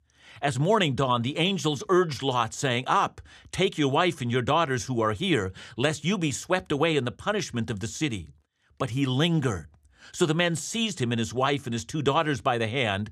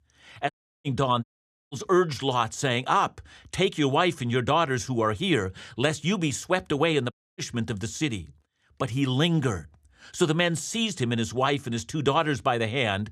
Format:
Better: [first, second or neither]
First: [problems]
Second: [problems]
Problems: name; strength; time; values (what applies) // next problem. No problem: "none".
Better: first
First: none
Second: audio cutting out; at 0.5 s, at 1 s and at 7 s